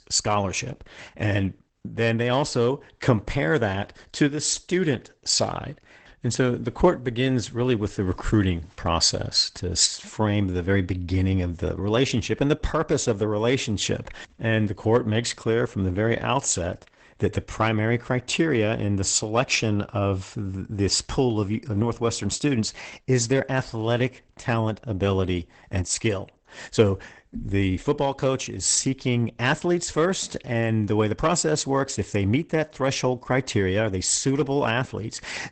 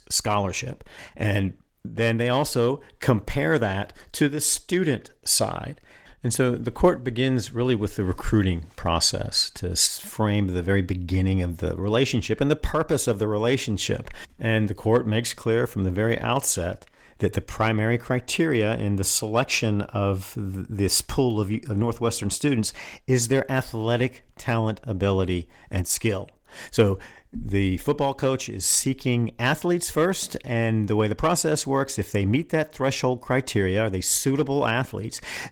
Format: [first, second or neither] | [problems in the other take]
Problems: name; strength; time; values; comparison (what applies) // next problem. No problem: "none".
second | garbled, watery; badly; nothing above 8 kHz; slightly in the second